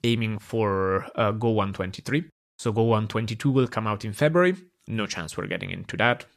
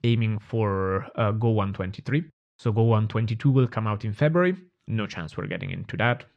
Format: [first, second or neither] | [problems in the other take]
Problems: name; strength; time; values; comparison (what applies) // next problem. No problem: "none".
first | muffled; slightly; fading above 3.5 kHz